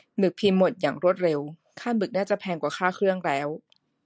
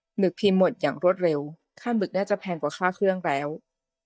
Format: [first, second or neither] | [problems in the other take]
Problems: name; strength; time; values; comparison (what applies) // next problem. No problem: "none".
first | noise reduction (neural mask model DeepFilterNet 3)